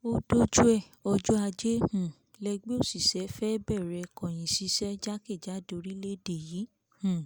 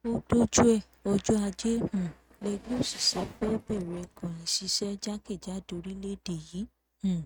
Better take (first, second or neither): first